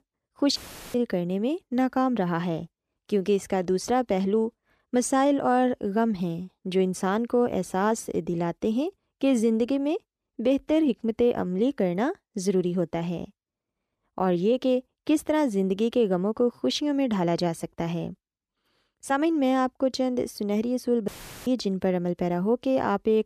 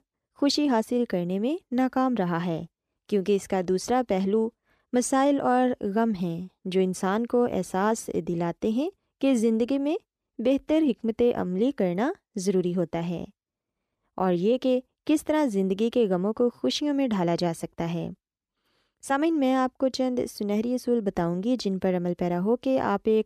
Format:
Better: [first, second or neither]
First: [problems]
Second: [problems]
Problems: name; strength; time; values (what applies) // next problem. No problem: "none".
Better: second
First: audio cutting out; filled with static; at 0.5 s and at 21 s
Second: none